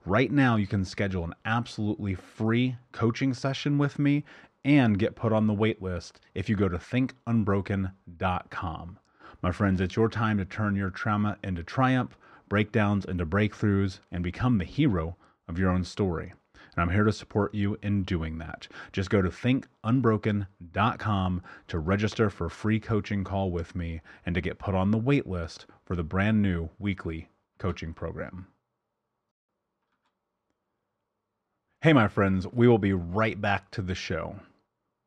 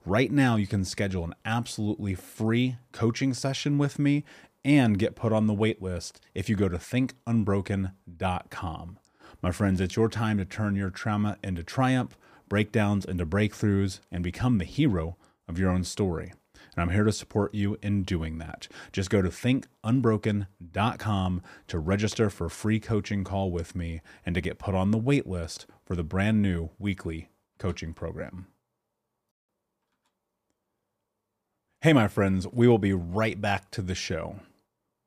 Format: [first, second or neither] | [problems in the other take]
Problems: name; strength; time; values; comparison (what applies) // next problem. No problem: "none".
second | muffled; very slightly; fading above 4.5 kHz